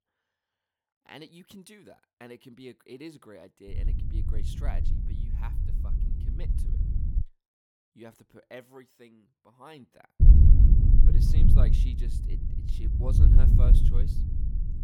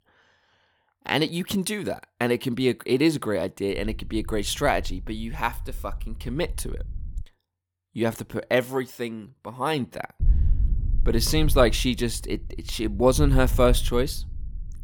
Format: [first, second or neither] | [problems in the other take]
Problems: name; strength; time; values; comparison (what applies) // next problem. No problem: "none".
second | wind noise on the microphone; heavy; from 3.5 to 7 s and from 10 s on; 4 dB above the speech; occasional gusts in the second